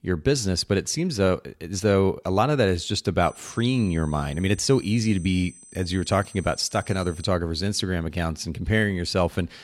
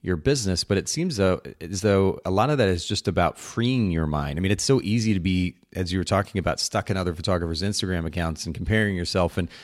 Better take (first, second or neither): second